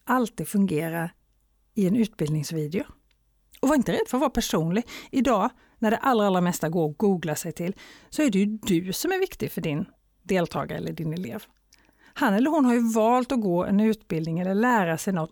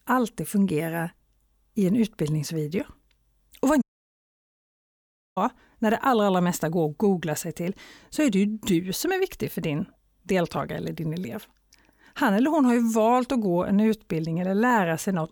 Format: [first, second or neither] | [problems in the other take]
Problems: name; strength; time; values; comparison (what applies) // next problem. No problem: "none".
first | audio cutting out; at 4 s for 1.5 s